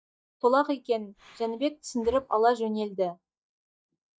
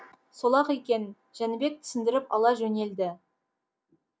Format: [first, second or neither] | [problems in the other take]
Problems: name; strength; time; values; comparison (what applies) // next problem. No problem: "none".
second | noise reduction (neural mask model DeepFilterNet 3)